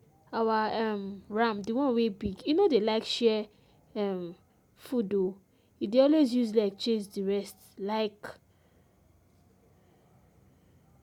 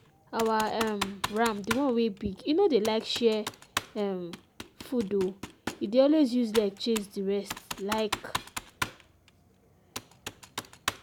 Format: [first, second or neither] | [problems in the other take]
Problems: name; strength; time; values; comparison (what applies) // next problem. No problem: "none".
first | background sound (Computer keyboard); 10 dB below the speech